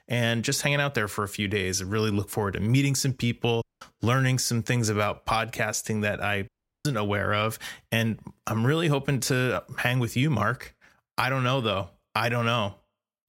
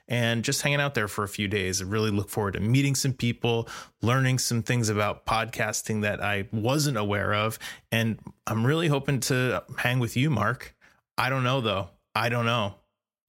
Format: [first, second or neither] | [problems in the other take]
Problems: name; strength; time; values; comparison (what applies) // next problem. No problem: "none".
second | audio cutting out; at 3.5 s and at 6.5 s